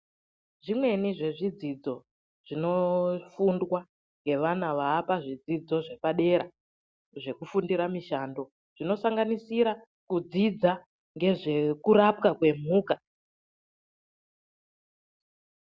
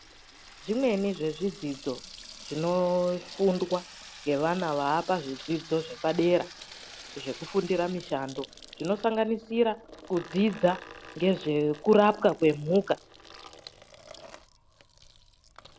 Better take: first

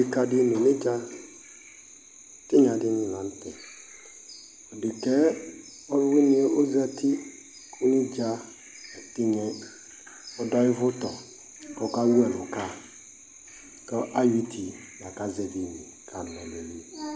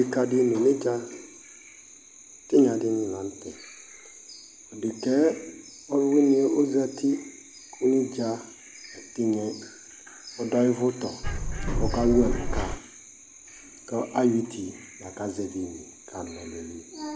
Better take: first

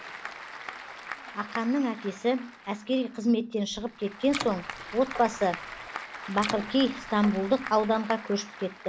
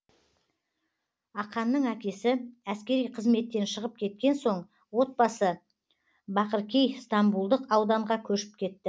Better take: second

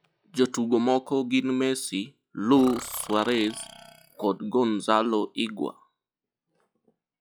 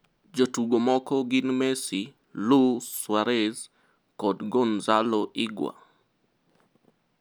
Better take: second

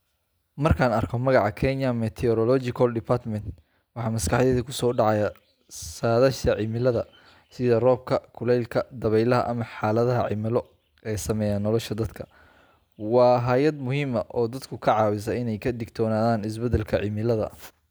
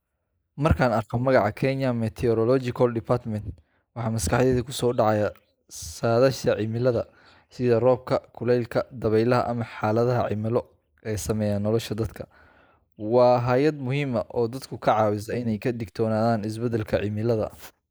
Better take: first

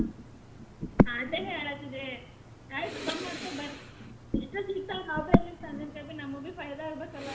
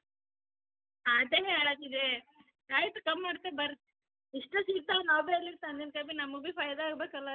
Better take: second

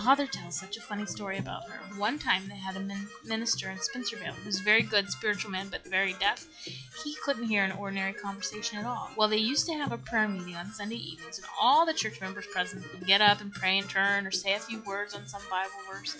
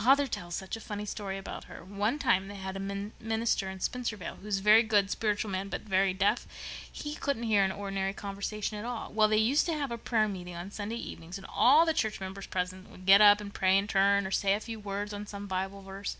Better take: second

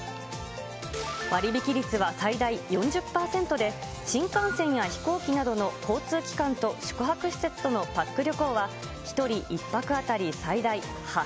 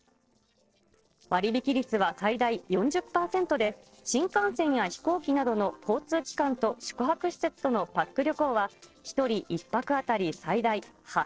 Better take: first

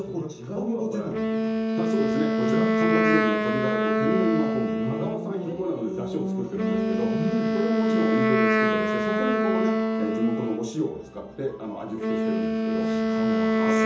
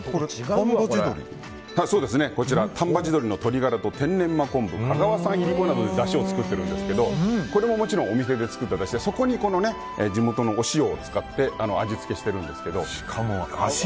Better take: second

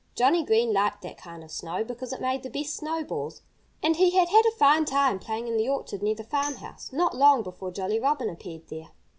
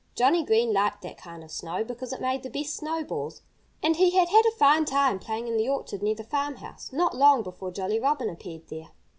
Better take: second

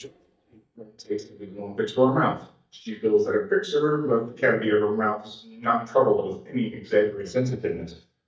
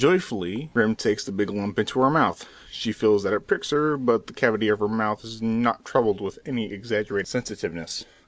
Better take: second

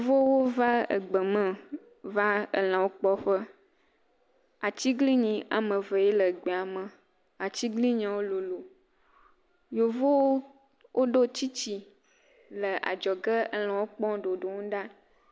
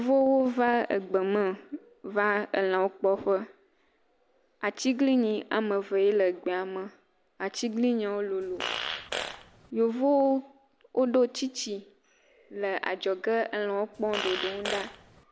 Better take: first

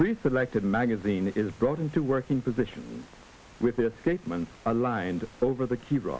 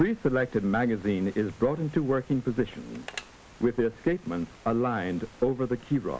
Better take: first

